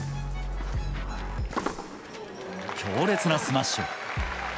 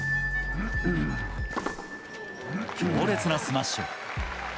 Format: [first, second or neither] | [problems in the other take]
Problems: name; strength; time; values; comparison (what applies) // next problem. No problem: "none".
first | background sound (Bell + Cough); 2 dB below the speech